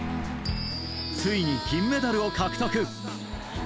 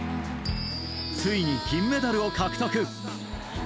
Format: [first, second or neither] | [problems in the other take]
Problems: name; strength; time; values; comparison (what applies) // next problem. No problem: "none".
second | background sound (Zipper (clothing)); 19 dB below the speech